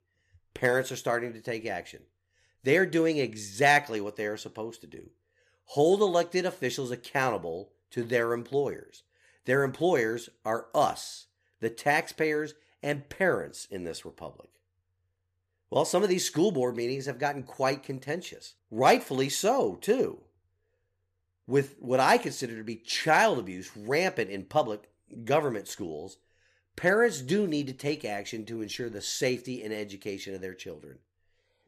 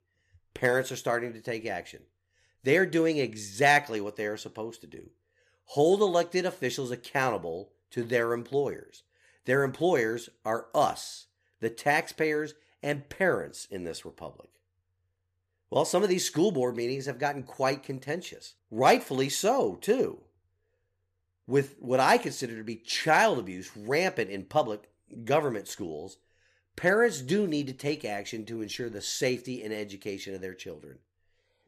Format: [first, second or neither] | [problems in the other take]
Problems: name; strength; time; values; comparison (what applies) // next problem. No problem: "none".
neither | none